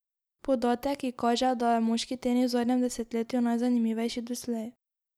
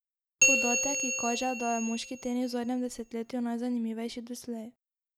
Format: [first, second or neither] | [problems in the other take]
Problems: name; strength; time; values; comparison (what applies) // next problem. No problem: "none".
first | background sound (Bell); 2 dB above the speech